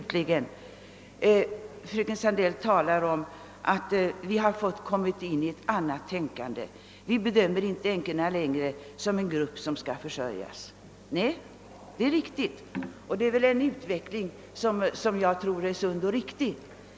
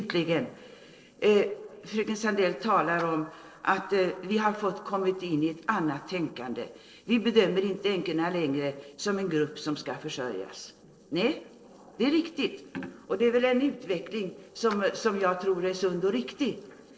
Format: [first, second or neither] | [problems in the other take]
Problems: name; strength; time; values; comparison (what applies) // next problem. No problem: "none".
first | noise reduction (neural separator model SepFormer DNS4)